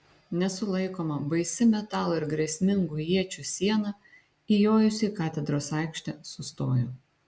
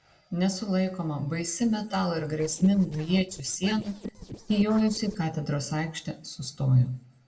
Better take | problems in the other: first | noise reduction (neural separator model SepFormer DNS4)

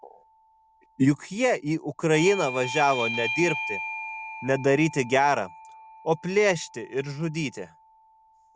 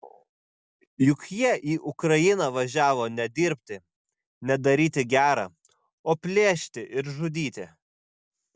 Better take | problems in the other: second | background sound (Bell / Doorbell); 11 dB below the speech

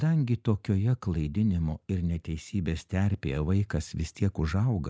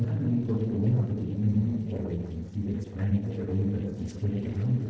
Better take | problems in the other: first | noise reduction (neural separator model SepFormer DNS4)

